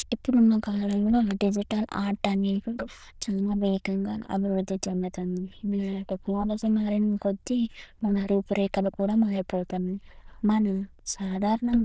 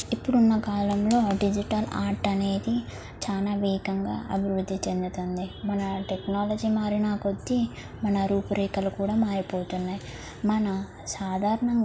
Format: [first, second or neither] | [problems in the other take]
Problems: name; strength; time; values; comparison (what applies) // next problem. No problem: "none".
second | noise reduction (neural diffusion model UNIVERSE++)